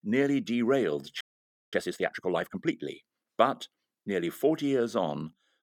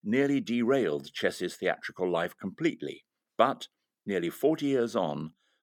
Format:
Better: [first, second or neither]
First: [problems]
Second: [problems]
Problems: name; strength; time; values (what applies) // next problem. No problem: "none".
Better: second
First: audio freezing; at 1 s for 0.5 s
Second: none